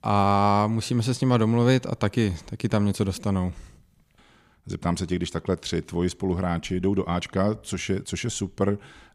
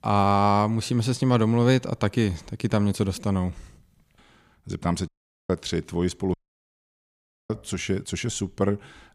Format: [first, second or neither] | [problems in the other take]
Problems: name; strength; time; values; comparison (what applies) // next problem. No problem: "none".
first | audio cutting out; at 5 s and at 6.5 s for 1 s